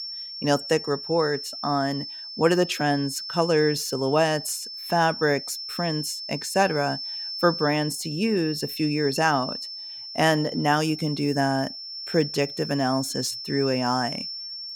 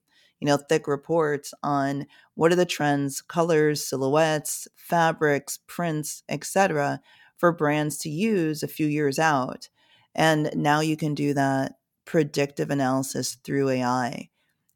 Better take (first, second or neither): second